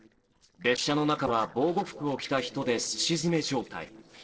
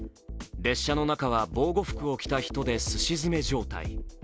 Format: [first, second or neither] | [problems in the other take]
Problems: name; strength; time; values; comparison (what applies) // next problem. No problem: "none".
second | noise reduction (neural separator model SepFormer DNS4)